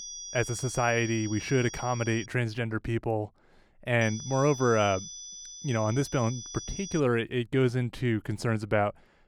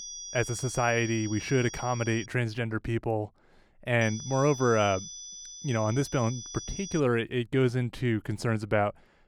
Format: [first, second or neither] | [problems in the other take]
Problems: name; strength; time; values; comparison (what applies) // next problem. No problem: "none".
neither | high-pitched whine; noticeable; until 2.5 s and from 4 to 7 s; 5.5 kHz, 10 dB below the speech; the same in both